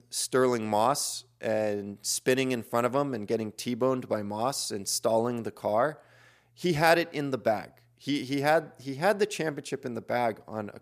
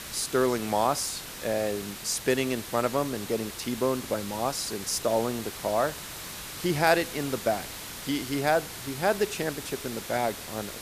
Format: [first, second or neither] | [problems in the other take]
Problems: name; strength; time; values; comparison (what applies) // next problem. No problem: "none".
first | hiss; loud; throughout; 9 dB below the speech